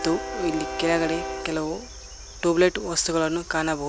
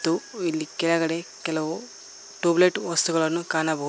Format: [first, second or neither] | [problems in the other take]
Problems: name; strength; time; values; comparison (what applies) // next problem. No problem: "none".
second | background sound (Train); 10 dB below the speech